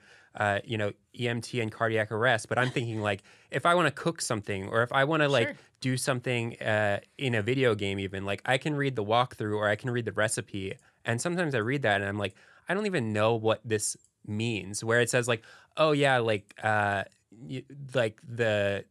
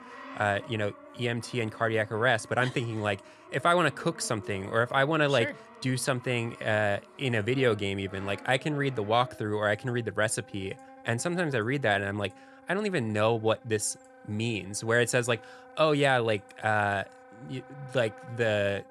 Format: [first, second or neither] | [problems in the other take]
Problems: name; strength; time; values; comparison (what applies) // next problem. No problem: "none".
first | background music; faint; throughout; 20 dB below the speech